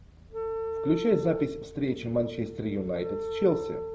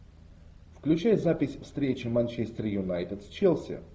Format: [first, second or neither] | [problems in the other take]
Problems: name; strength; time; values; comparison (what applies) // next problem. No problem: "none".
second | background sound (Wind instrument, woodwind instrument); 6 dB below the speech